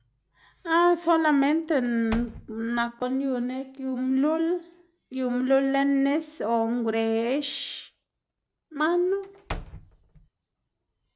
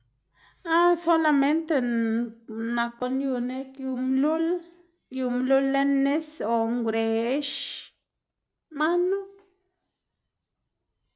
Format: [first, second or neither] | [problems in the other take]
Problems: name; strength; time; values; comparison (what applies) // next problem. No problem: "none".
second | background sound (Slam / Wood); 15 dB below the speech